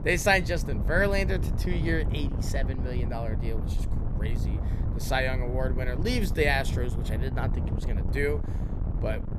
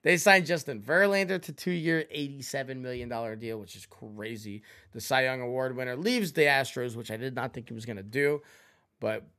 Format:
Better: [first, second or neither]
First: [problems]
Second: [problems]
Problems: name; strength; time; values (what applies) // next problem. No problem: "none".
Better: second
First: wind noise on the microphone; occasional gusts; 15 dB below the speech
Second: none